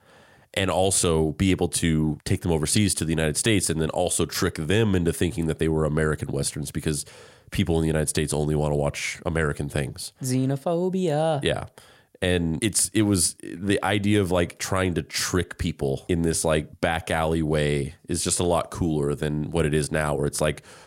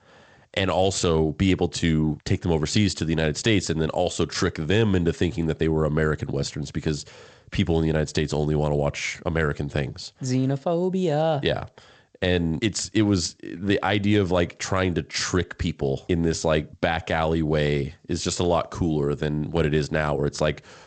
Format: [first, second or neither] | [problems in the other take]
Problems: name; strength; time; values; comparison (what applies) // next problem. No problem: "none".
first | garbled, watery; slightly; nothing above 8 kHz